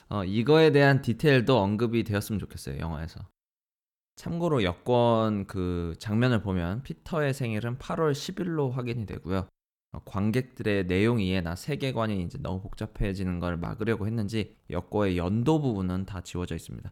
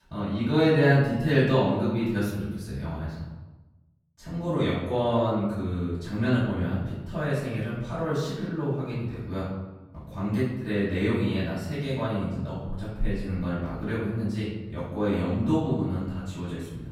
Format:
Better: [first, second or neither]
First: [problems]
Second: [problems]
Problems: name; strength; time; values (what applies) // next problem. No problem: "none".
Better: first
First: none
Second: off-mic speech; far // room echo; noticeable; dies away in 1 s